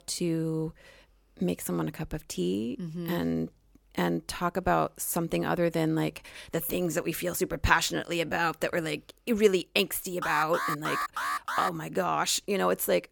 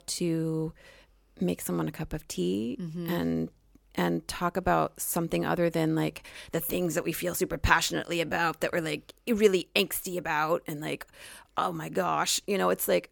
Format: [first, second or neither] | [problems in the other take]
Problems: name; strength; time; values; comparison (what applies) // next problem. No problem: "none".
second | alarm; noticeable; from 10 to 12 s; peak 1 dB below the speech